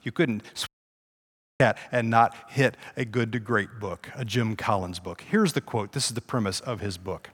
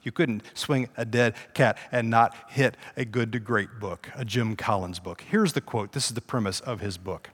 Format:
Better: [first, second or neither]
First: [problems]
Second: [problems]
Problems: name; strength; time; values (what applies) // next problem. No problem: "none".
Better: second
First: audio cutting out; at 0.5 s for 1 s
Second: none